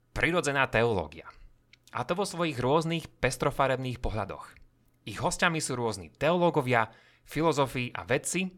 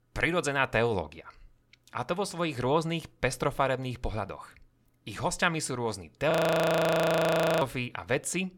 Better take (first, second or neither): first